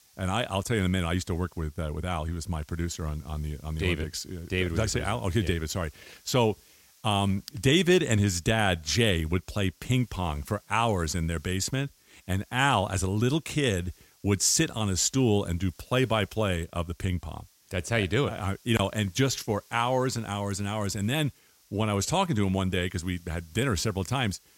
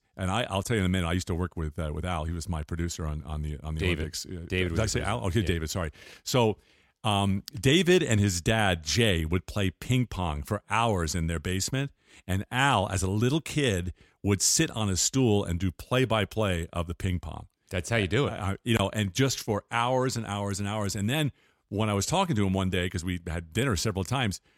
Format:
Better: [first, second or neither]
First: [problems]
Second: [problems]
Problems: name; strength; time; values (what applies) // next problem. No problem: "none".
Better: second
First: hiss; faint; throughout; 30 dB below the speech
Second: none